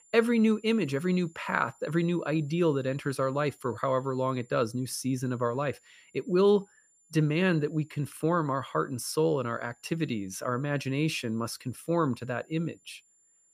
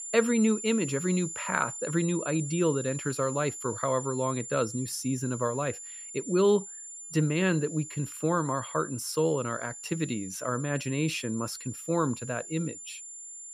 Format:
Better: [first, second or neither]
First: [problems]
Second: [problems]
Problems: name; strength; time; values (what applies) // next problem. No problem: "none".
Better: first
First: high-pitched whine; faint; throughout; 7 kHz, 30 dB below the speech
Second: high-pitched whine; loud; throughout; 7 kHz, 9 dB below the speech